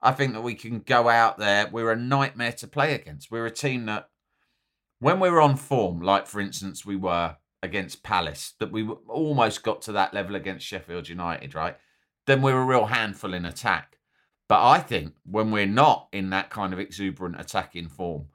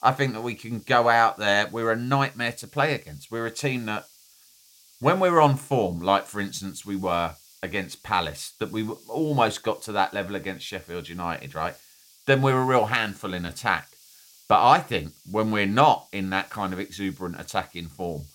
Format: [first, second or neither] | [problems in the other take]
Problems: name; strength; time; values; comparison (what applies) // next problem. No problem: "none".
first | hiss; faint; throughout; 25 dB below the speech